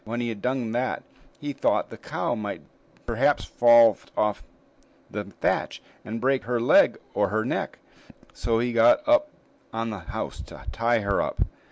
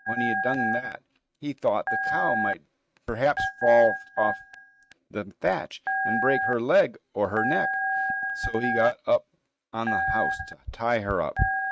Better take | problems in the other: first | noise reduction (neural mask model RNNoise)

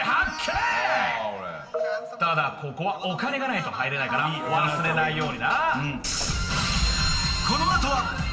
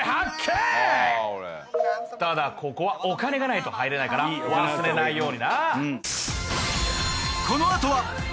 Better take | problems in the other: second | background sound (Subway, metro, underground); 17 dB below the speech // room echo; dies away in 1.9 s

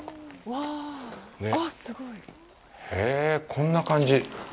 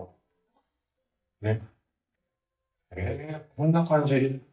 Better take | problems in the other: first | noise reduction (neural mask model DeepFilterNet 3)

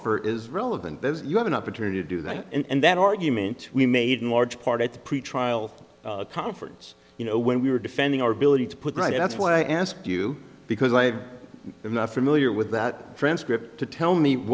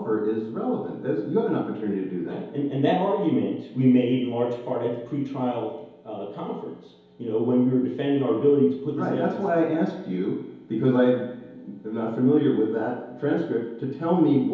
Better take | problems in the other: first | room echo; dies away in 2.2 s

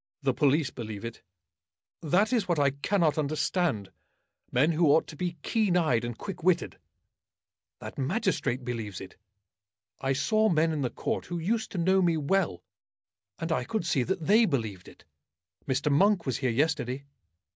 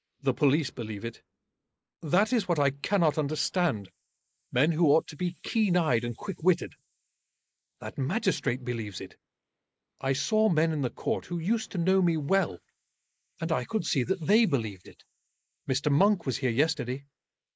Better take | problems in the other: first | noise reduction (neural mask model Resemble Enhance denoiser)

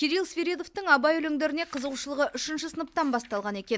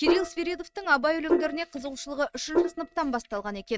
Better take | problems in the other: first | noise reduction (neural mask model RNNoise)

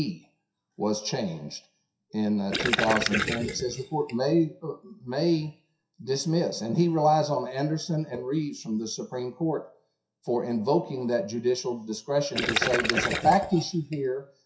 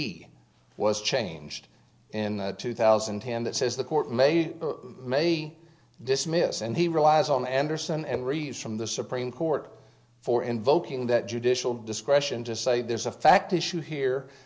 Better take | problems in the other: second | noise reduction (classical method WPE with log-MMSE)

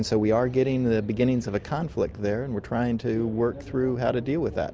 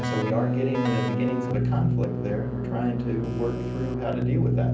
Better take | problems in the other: first | background sound (Keyboard (musical)); 3 dB above the speech // room echo; dies away in 0.6 s

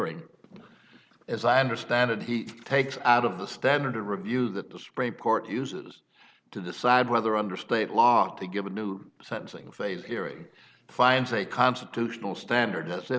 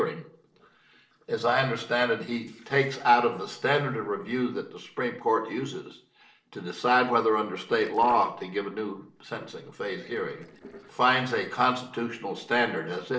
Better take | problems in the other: first | noise reduction (neural separator model SepFormer DNS4)

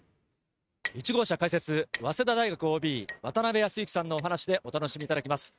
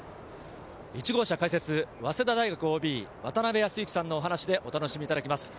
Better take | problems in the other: second | noise reduction (neural mask model RNNoise)

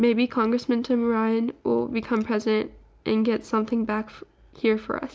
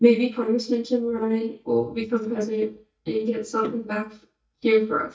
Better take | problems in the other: first | noise reduction (neural mask model DeepFilterNet 3)

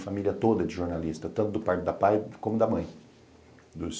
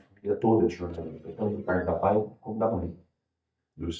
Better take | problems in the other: first | noise reduction (neural mask model DeepFilterNet 3)

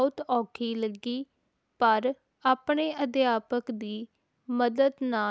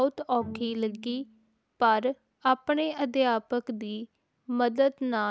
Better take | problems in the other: first | background sound (Bowed string instrument); 18 dB below the speech

